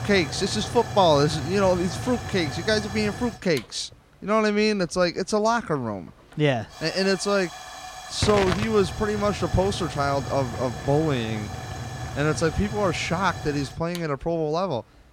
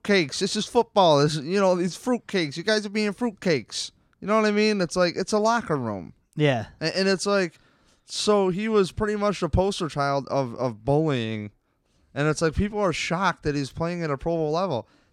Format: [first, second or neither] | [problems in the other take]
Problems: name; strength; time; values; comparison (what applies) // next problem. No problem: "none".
second | hiss; loud; throughout; 9 dB below the speech